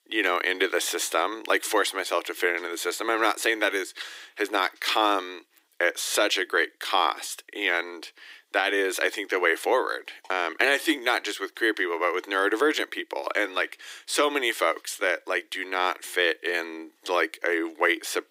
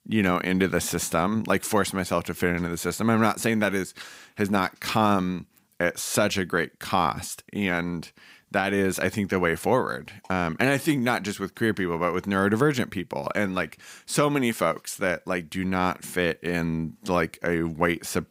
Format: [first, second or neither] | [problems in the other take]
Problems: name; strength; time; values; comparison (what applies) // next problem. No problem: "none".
second | thin; very; fading below 300 Hz